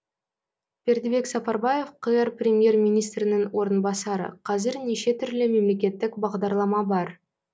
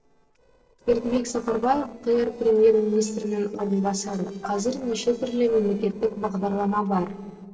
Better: first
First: none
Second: noise reduction (neural separator model SepFormer DNS4)

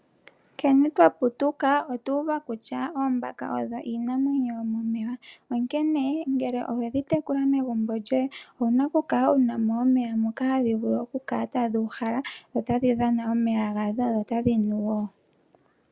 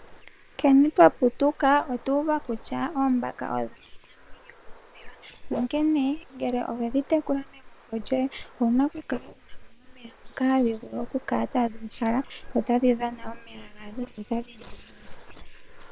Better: first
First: none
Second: noise reduction (neural separator model SepFormer WHAM!)

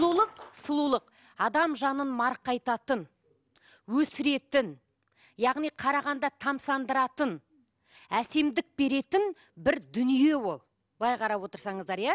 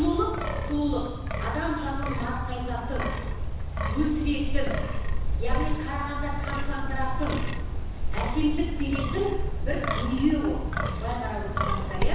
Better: first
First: none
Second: background sound (Wind); 3 dB above the speech // room echo; dies away in 1.1 s

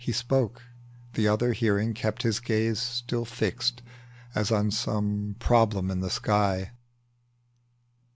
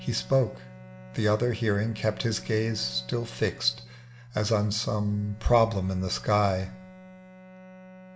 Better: first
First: none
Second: background sound (Bowed string instrument); 20 dB below the speech // room echo; dies away in 0.6 s

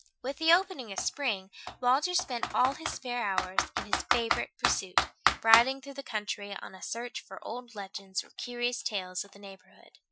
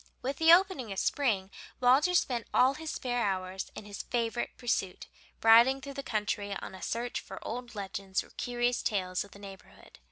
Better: second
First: noise reduction (classical method Wiener filter)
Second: none

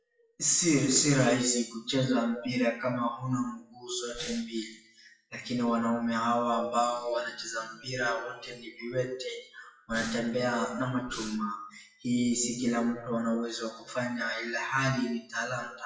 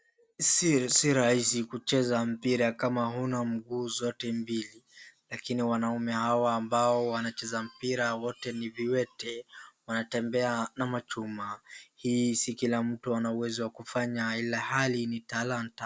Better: second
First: noise reduction (classical method WPE with log-MMSE)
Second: none

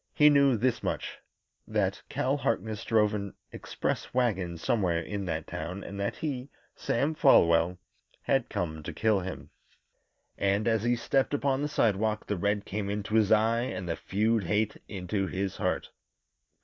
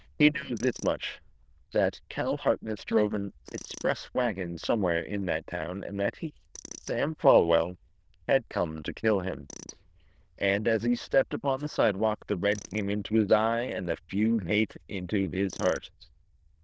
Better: first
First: none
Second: noise reduction (neural diffusion model UNIVERSE++)

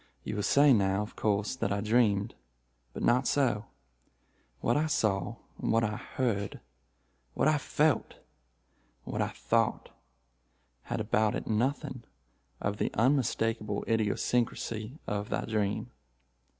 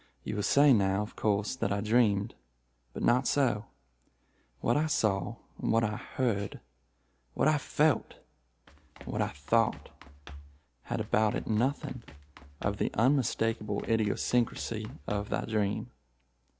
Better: first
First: none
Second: background sound (Run); 18 dB below the speech

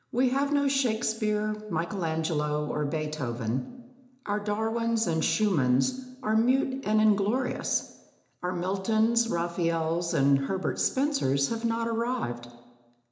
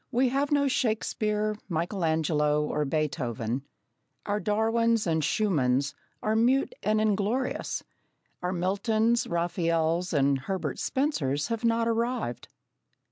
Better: second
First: room echo; dies away in 0.8 s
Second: none

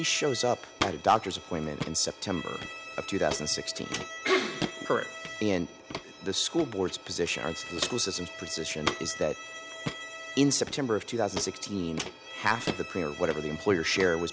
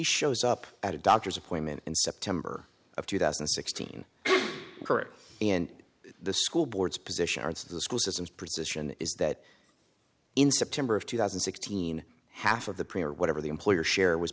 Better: second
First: background sound (Bowed string instrument + Walk, footsteps); 8 dB below the speech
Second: none

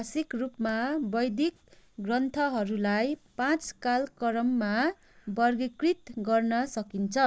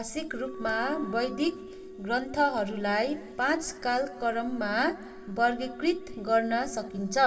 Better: first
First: none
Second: background sound (Wind instrument, woodwind instrument); 15 dB below the speech // room echo; dies away in 2.1 s

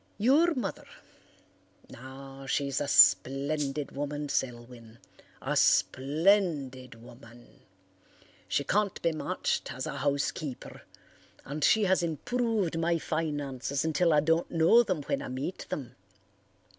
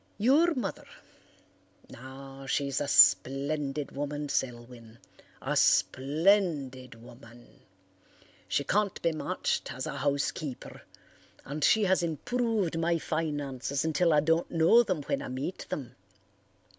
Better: second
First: background sound (Rattle (instrument)); 11 dB below the speech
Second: none

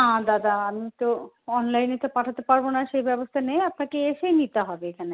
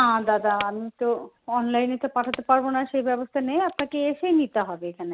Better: first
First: none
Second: background sound (Wood); 18 dB below the speech

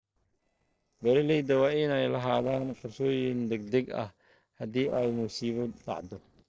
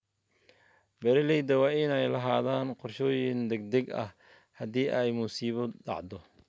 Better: second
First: noise reduction (neural separator model SepFormer DNS4)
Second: none

